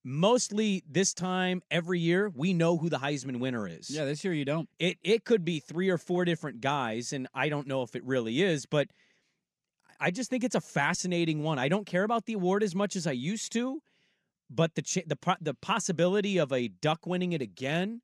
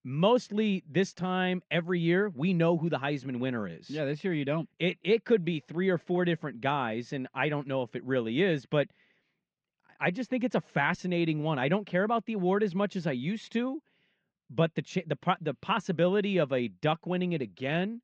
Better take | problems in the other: first | muffled; slightly; fading above 3.5 kHz

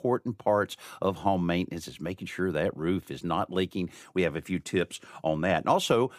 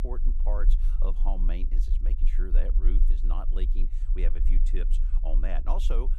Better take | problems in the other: first | low rumble; noticeable; throughout; 10 dB below the speech

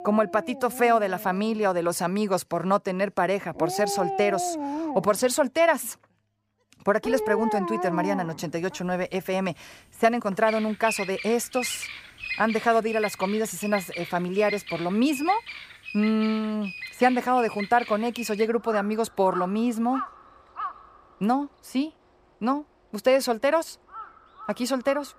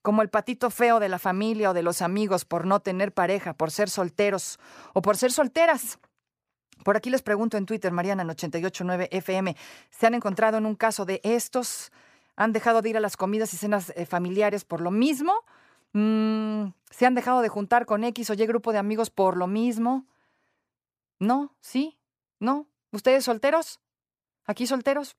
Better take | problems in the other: second | animal sounds; loud; throughout; 9 dB below the speech

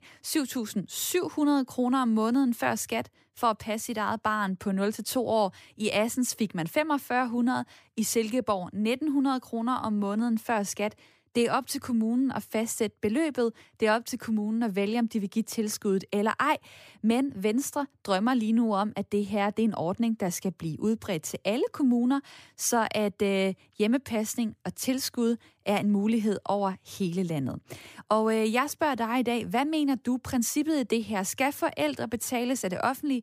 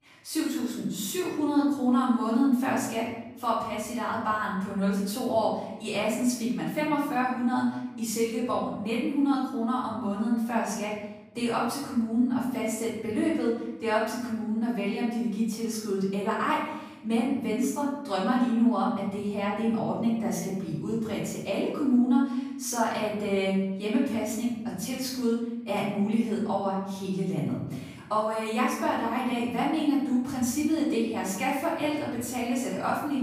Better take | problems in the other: first | room echo; noticeable; dies away in 0.9 s // off-mic speech; far

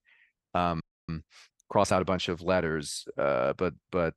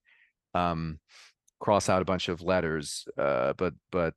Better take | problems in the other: second | audio freezing; at 1 s

